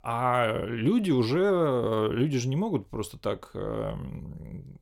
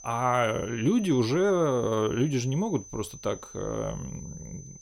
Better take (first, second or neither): first